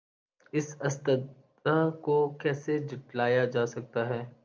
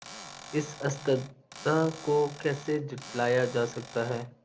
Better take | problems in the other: first | background sound (Cupboard open or close / Door); 16 dB below the speech

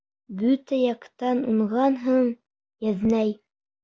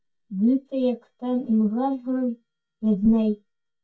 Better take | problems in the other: first | noise reduction (neural mask model DeepFilterNet 3)

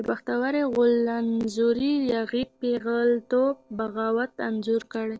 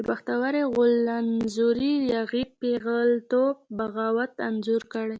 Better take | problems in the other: second | noise reduction (neural separator model SepFormer DNS4)

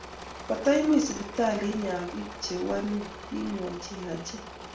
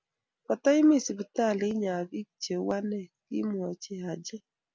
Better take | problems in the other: second | background sound (Engine / Mechanisms); 12 dB below the speech // room echo; dies away in 0.4 s

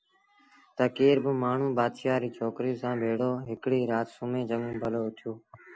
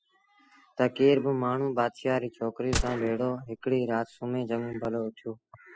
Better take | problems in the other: first | noise reduction (classical method spectral subtraction)

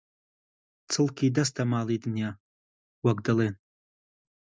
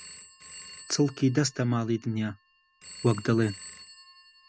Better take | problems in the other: first | background sound (Telephone); 18 dB below the speech

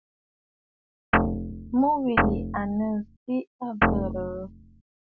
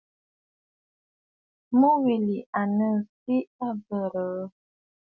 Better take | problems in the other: second | background sound (Guitar); 3 dB above the speech

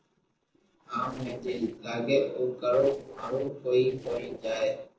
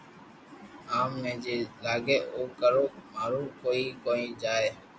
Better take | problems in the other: second | noise reduction (neural separator model SepFormer DNS4)

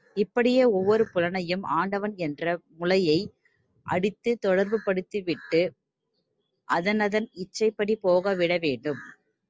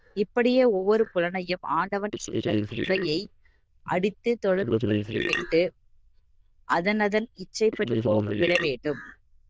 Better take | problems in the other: first | noise reduction (neural diffusion model UNIVERSE++)

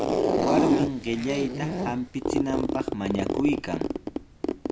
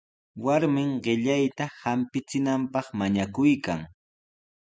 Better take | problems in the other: second | background sound (Zipper (clothing)); 2 dB above the speech

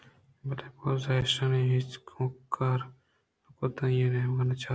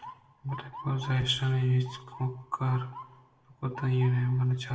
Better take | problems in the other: first | background sound (Motor vehicle (road) / Siren); 19 dB below the speech // room echo; dies away in 0.7 s

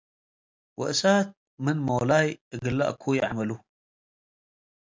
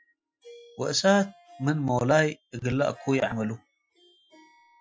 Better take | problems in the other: first | noise reduction (classical method Wiener filter)

